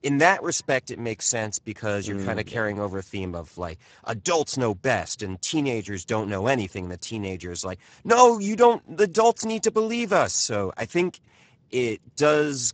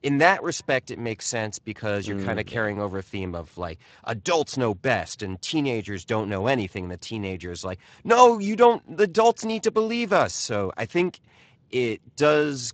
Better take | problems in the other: second | garbled, watery; badly; nothing above 7.5 kHz; slightly in the second

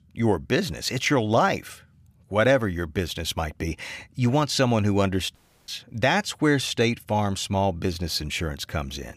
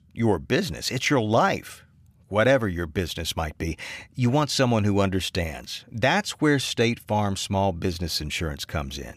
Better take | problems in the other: second | audio cutting out; at 5.5 s

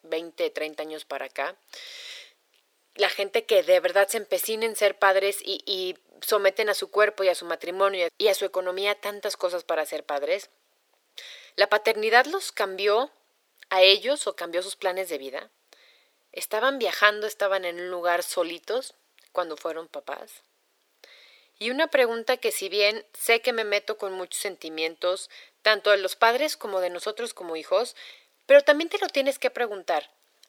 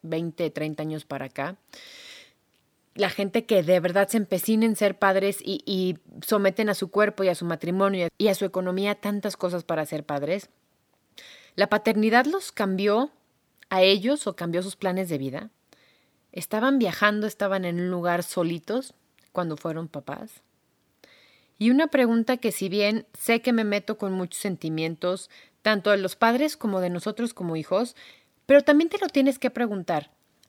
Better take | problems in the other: second | thin; very; fading below 450 Hz

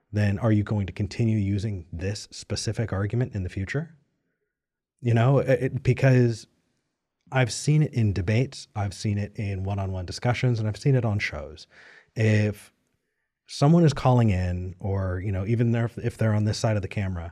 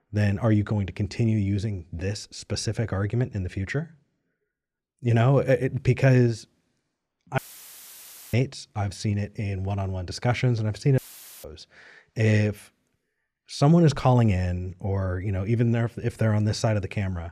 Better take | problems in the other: first | audio cutting out; filled with static; at 7.5 s for 1 s and at 11 s

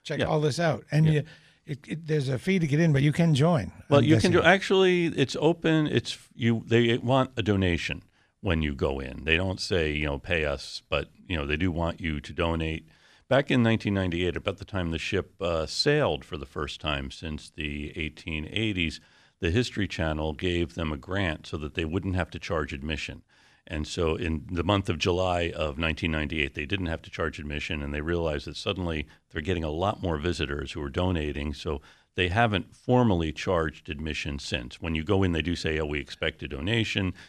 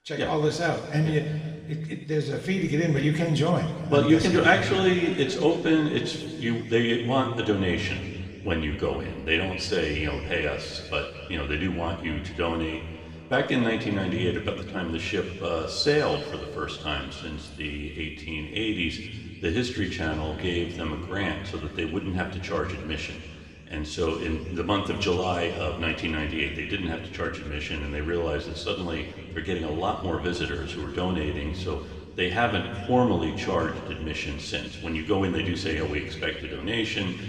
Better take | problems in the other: first | room echo; noticeable; dies away in 2 s // off-mic speech; somewhat distant

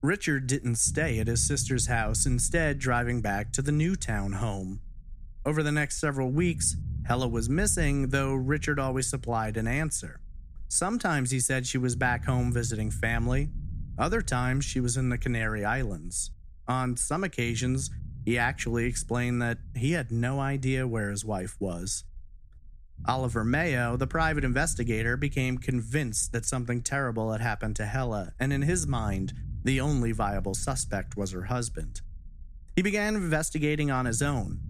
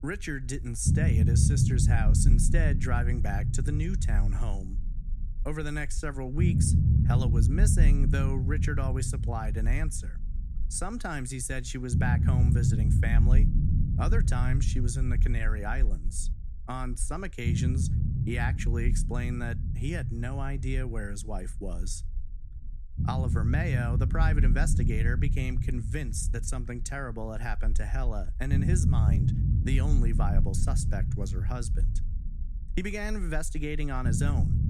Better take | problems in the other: first | low rumble; loud; throughout; 4 dB below the speech; faint in the first

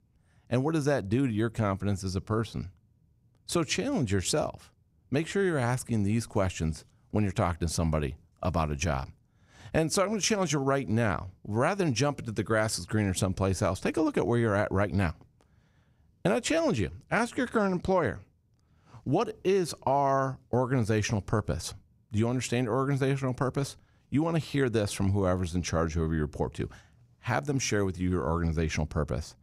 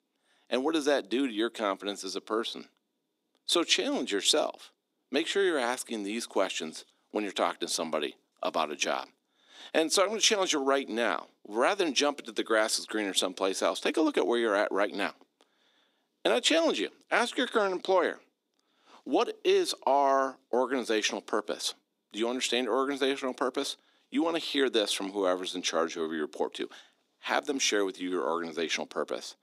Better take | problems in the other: first | thin; somewhat; fading below 250 Hz

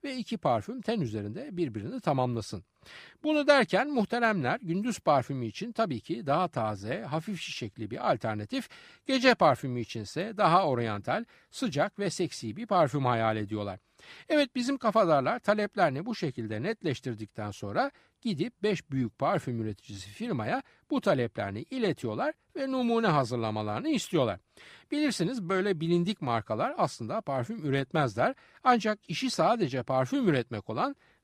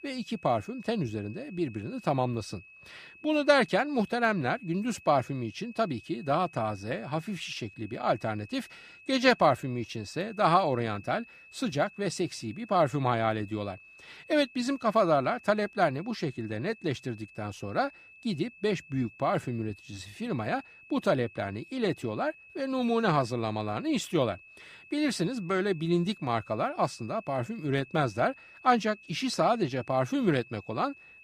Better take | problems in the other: first | high-pitched whine; faint; throughout; 2.5 kHz, 20 dB below the speech

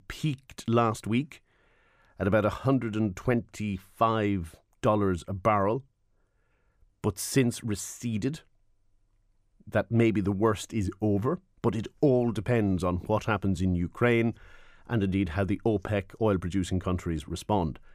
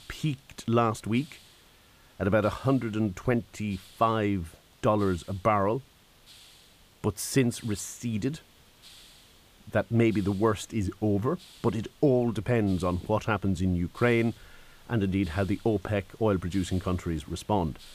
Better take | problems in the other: first | hiss; faint; throughout; 25 dB below the speech

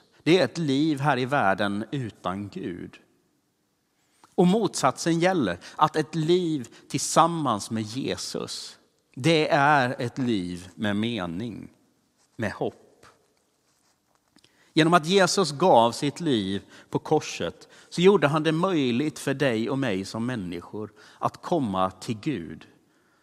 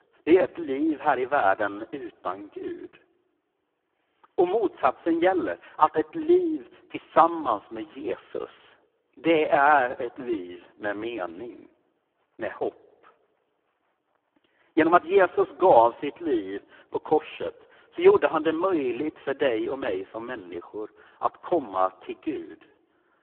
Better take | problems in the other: first | phone-call audio; poor line

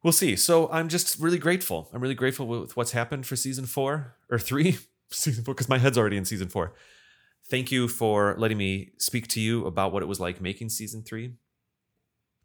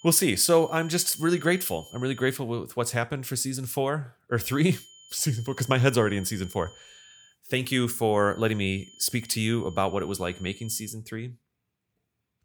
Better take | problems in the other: first | high-pitched whine; faint; until 2.5 s, from 4.5 to 7.5 s and from 8 to 11 s; 3 kHz, 20 dB below the speech

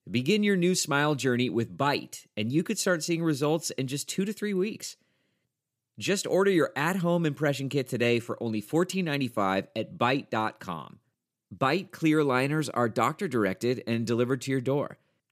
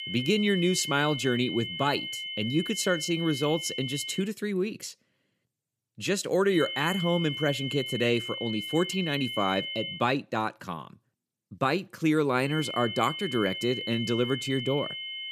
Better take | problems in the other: first | high-pitched whine; loud; until 4 s, from 6.5 to 10 s and from 12 s on; 3 kHz, 6 dB below the speech

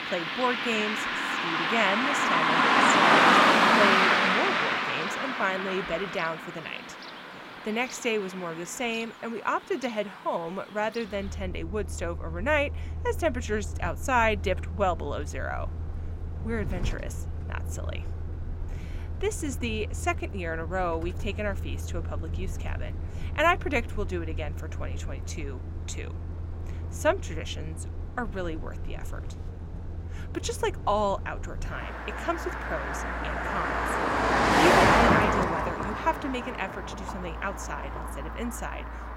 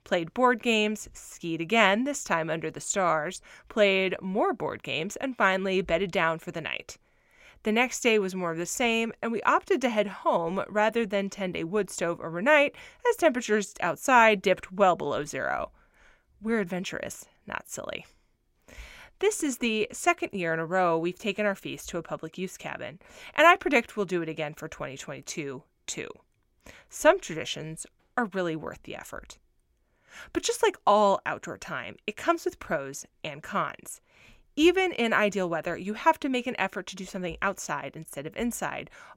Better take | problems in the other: second | traffic noise; very loud; throughout; 3 dB above the speech

